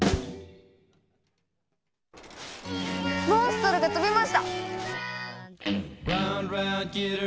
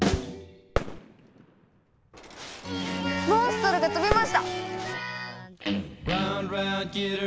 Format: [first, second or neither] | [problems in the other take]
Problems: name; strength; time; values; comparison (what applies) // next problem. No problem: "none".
first | background sound (Fireworks); 9 dB below the speech